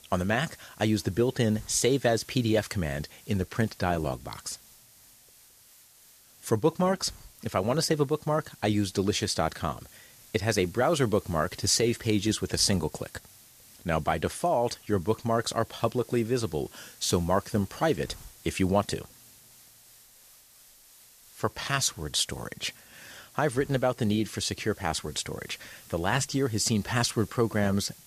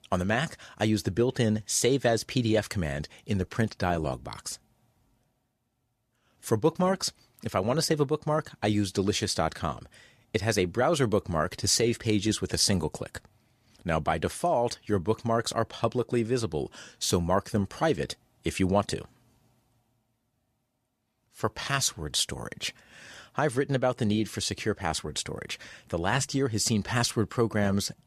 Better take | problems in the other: second | hiss; faint; throughout; 25 dB below the speech

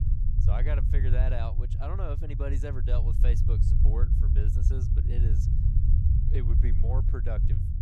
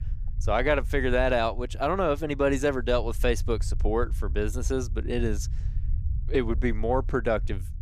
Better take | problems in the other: second | low rumble; loud; throughout; 2 dB below the speech; faint in the second

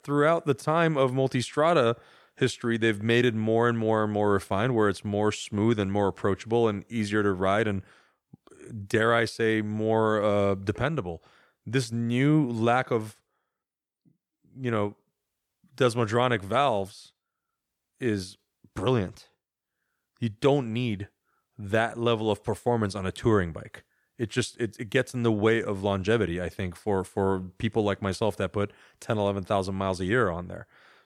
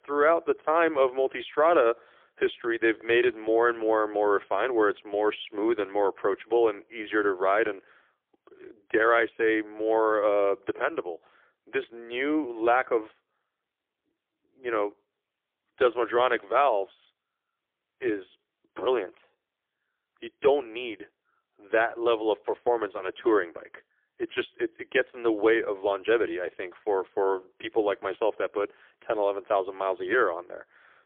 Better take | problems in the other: first | phone-call audio; poor line; nothing above 3.5 kHz

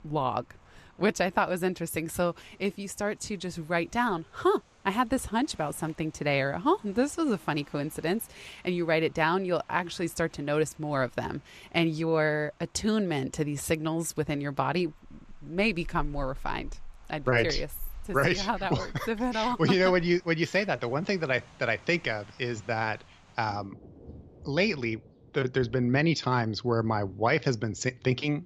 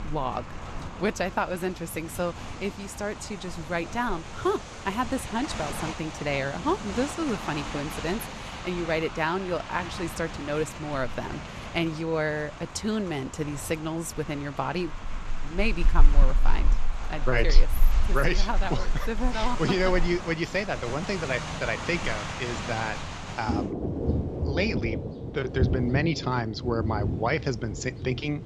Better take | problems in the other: first | rain or running water; loud; throughout; 3 dB below the speech; faint in the first

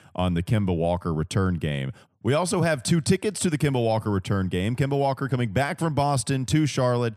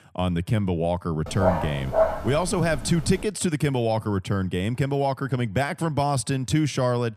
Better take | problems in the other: first | dog barking; loud; from 1.5 to 3 s; peak 2 dB above the speech

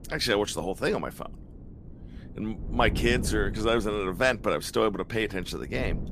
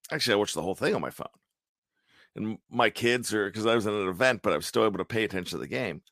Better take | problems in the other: second | wind noise on the microphone; occasional gusts; 20 dB below the speech

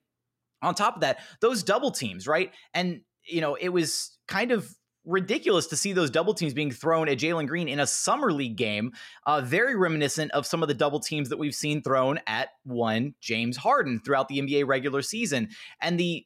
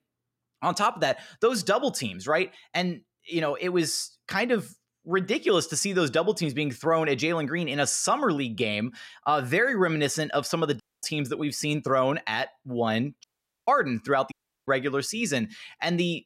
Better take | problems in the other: first | audio cutting out; at 11 s, at 13 s and at 14 s

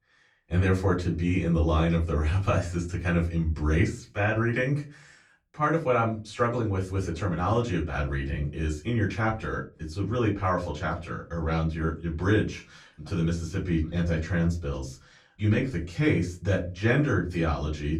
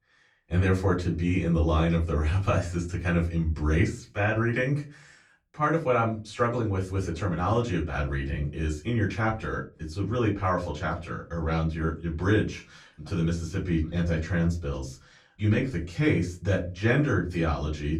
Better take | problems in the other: neither | off-mic speech; far; the same in both // room echo; very slight; dies away in 0.3 s; the same in both

